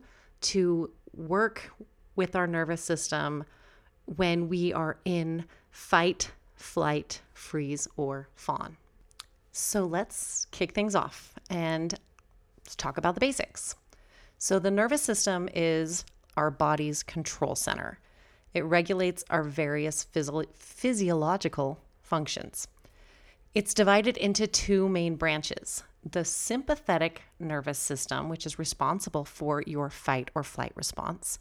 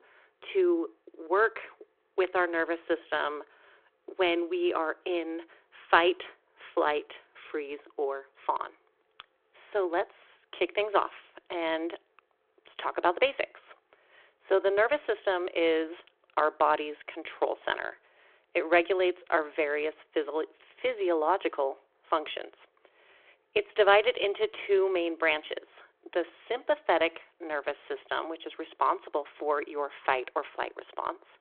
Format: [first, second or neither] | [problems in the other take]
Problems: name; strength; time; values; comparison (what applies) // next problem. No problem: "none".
first | phone-call audio